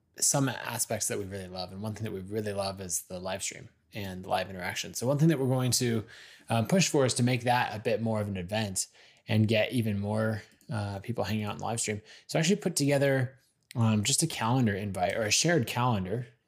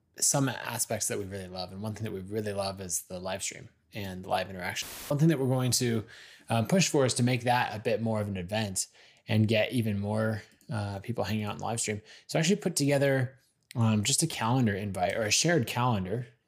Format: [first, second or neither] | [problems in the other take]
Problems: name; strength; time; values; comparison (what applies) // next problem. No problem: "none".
first | audio cutting out; filled with static; at 5 s